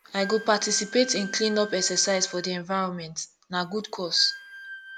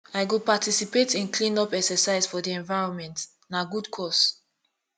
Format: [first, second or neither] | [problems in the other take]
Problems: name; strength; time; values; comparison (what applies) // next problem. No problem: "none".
second | background sound (Wind instrument, woodwind instrument); 15 dB below the speech